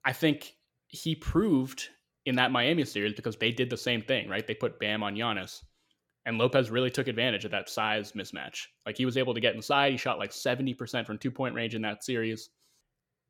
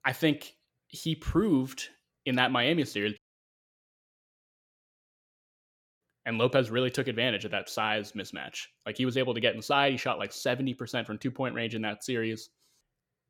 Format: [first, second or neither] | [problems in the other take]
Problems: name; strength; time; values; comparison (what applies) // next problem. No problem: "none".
first | audio cutting out; at 3 s for 3 s